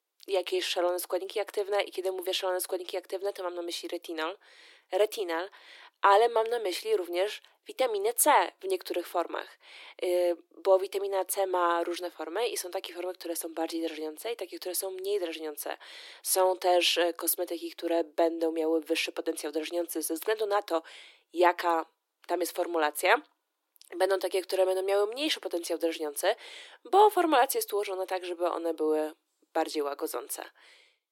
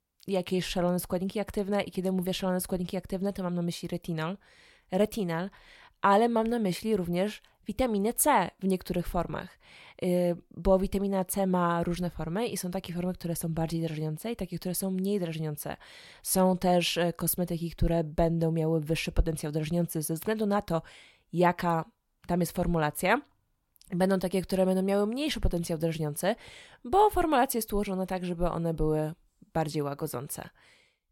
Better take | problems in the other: second | thin; very; fading below 300 Hz

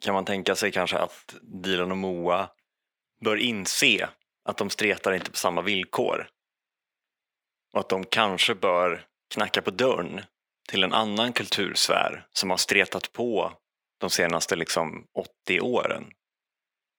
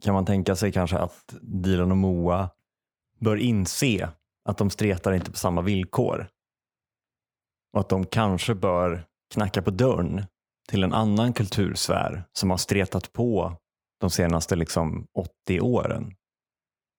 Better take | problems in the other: second | thin; somewhat; fading below 350 Hz

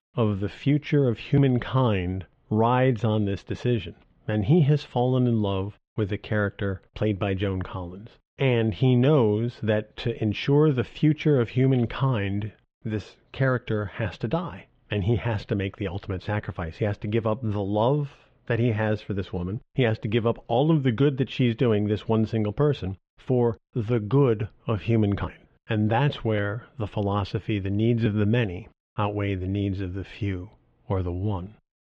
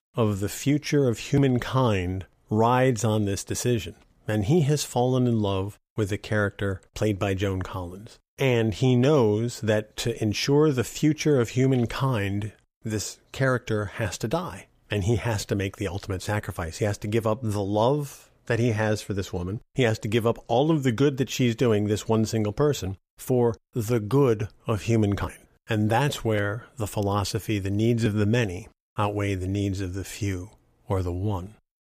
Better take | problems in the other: second | muffled; very; fading above 3.5 kHz

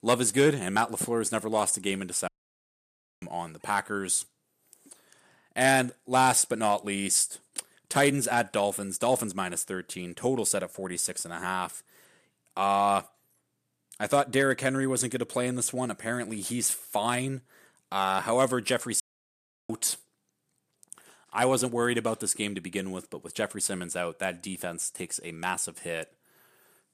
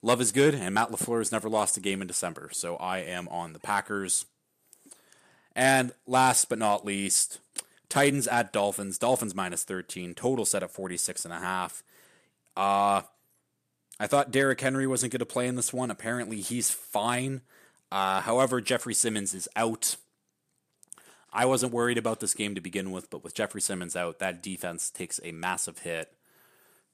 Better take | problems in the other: second | audio cutting out; at 2.5 s for 1 s and at 19 s for 0.5 s

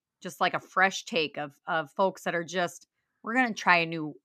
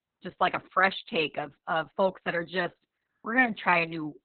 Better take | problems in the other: first | garbled, watery; badly; nothing above 4 kHz

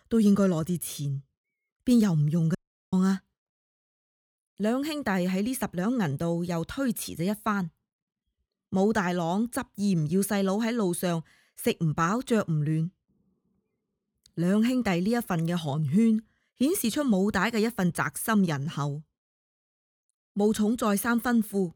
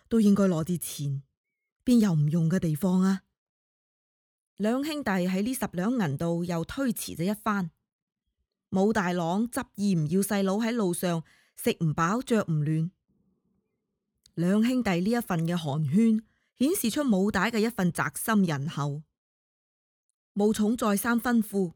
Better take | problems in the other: second | audio cutting out; at 2.5 s

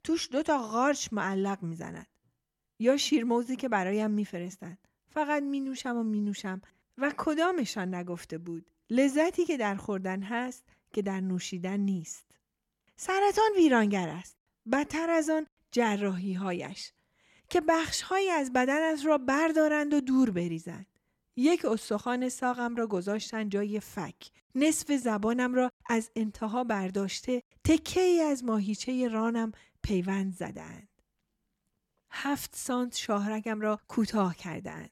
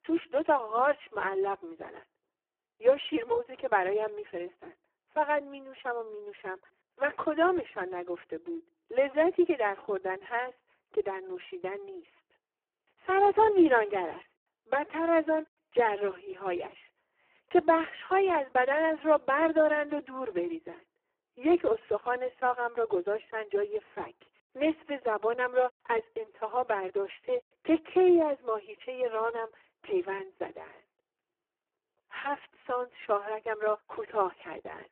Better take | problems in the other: first | phone-call audio; poor line

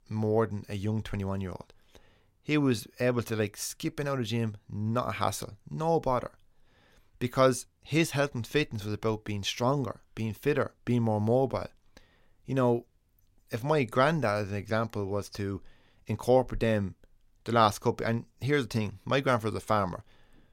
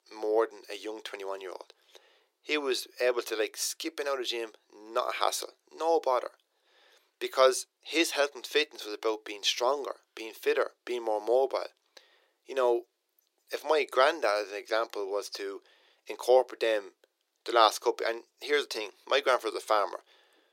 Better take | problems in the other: first | thin; very; fading below 350 Hz

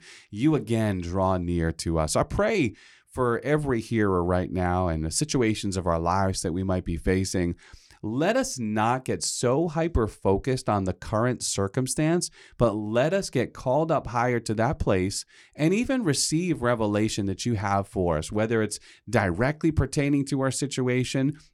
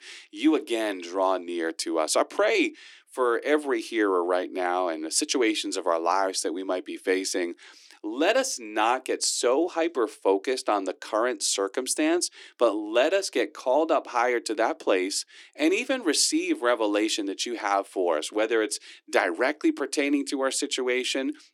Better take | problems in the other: first | thin; somewhat; fading below 300 Hz

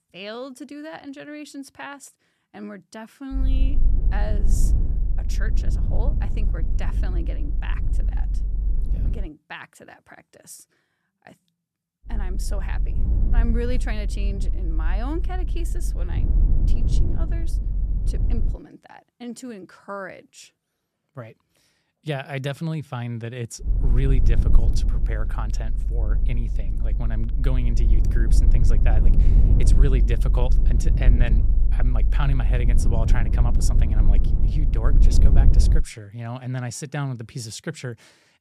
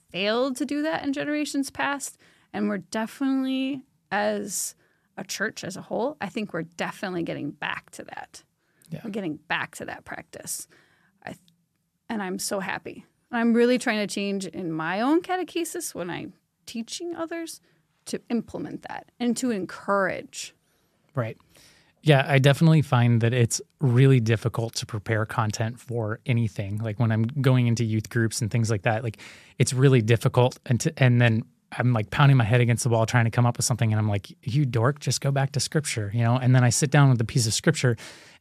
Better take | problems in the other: second | low rumble; loud; from 3.5 to 9.5 s, from 12 to 19 s and from 24 to 36 s; 5 dB below the speech

